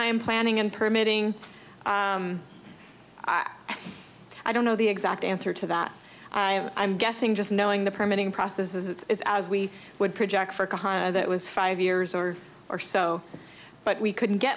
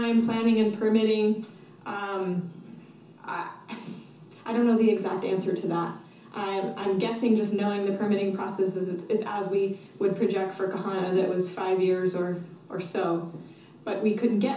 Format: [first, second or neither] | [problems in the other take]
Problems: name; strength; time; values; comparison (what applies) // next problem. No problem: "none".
first | room echo; dies away in 0.6 s